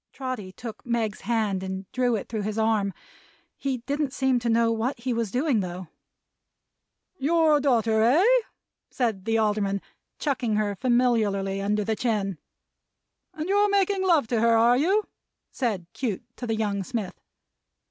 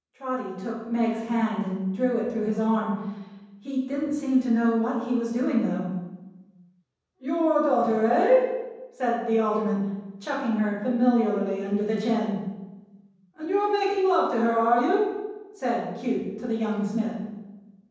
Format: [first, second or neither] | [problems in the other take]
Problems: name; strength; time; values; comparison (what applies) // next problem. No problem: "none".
first | room echo; dies away in 1.1 s